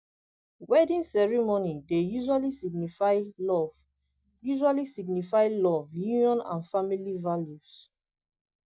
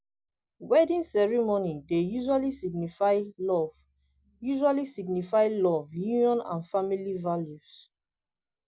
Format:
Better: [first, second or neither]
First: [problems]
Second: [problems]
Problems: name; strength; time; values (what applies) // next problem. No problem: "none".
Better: second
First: noise reduction (neural mask model DeepFilterNet 3)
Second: none